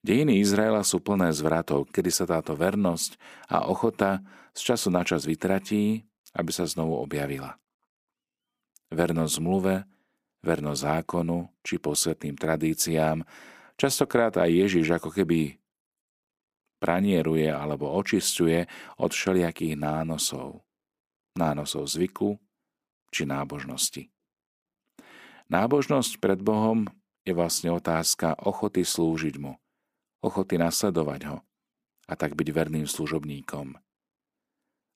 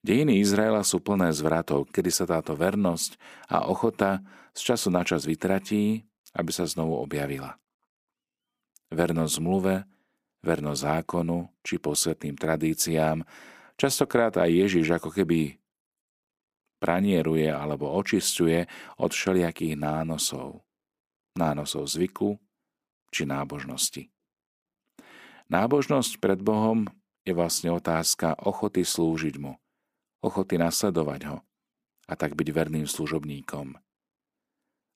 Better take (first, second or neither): neither